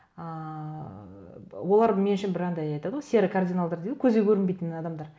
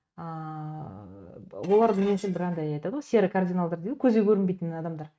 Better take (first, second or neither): first